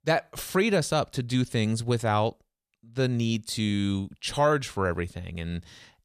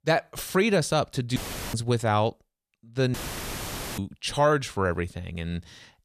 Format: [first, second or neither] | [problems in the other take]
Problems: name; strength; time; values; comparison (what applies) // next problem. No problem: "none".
first | audio cutting out; filled with static; at 1.5 s and at 3 s for 1 s